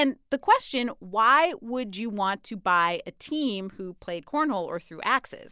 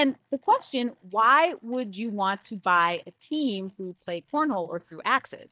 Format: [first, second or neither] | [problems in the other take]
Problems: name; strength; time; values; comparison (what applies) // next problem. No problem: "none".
first | noise reduction (neural mask model DeepFilterNet 3)